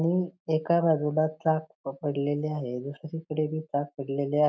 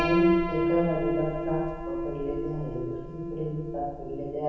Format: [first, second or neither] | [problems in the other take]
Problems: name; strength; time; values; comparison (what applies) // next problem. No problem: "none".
first | background sound (Piano); 2 dB above the speech // room echo; dies away in 1.1 s